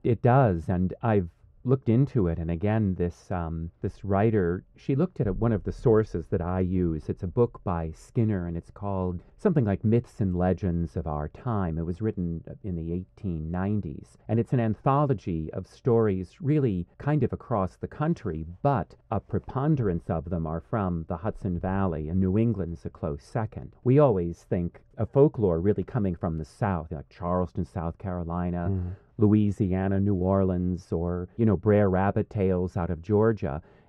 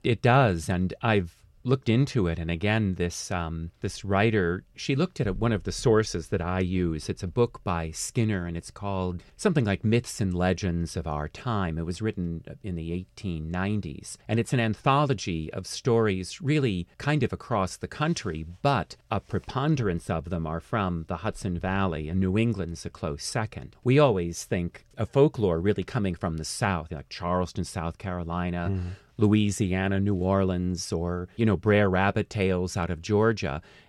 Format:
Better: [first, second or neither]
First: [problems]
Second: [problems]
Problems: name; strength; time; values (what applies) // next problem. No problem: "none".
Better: second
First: muffled; very; fading above 2 kHz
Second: none